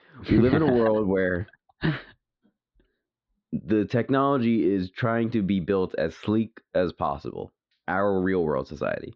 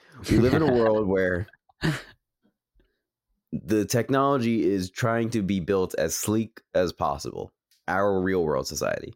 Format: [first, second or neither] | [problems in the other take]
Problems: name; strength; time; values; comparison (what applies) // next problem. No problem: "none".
second | muffled; slightly; fading above 4 kHz